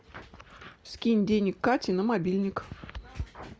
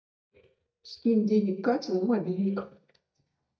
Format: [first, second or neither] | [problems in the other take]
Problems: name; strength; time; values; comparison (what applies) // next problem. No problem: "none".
first | noise reduction (neural mask model DeepFilterNet 3)